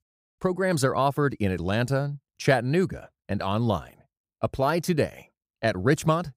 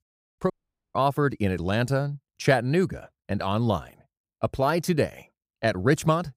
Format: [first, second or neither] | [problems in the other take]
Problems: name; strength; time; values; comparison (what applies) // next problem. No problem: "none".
first | audio cutting out; at 0.5 s